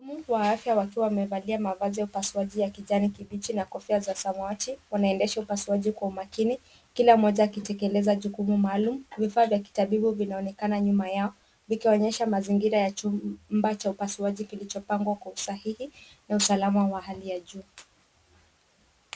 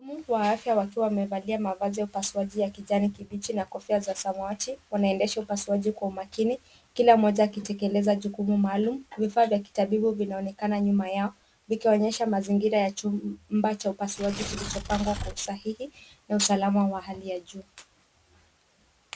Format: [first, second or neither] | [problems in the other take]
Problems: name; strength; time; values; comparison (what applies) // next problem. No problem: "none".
first | background sound (Tearing); 9 dB below the speech